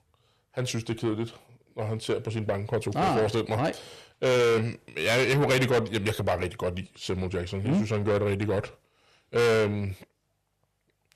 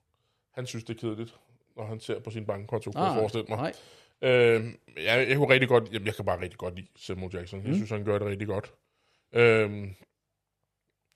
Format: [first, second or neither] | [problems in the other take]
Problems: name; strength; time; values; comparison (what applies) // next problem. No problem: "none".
second | distortion; heavy; 6 dB below the speech